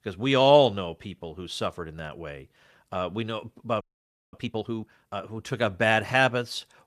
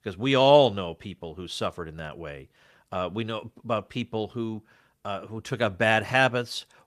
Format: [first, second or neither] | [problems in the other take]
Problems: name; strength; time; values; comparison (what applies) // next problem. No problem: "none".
second | audio freezing; at 4 s for 0.5 s